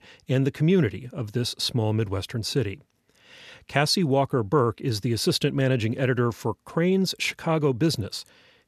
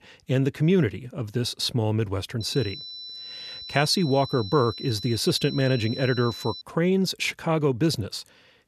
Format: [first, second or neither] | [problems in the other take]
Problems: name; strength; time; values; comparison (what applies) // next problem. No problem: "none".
first | high-pitched whine; noticeable; from 2.5 to 6.5 s; 4 kHz, 10 dB below the speech